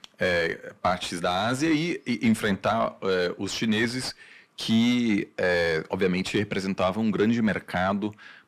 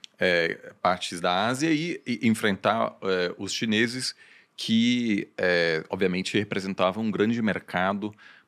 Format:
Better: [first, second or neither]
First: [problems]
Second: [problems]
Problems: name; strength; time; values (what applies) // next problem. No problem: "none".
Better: second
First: distortion; slight; 10 dB below the speech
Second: none